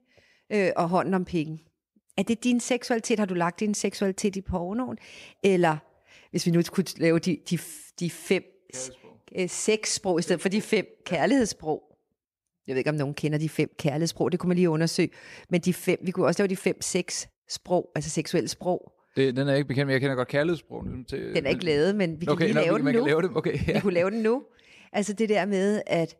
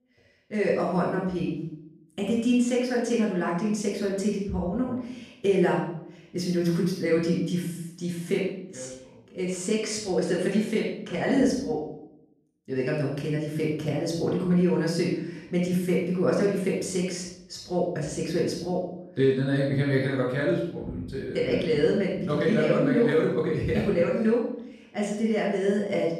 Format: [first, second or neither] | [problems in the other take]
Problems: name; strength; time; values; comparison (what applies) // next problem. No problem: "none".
first | off-mic speech; far // room echo; noticeable; dies away in 0.7 s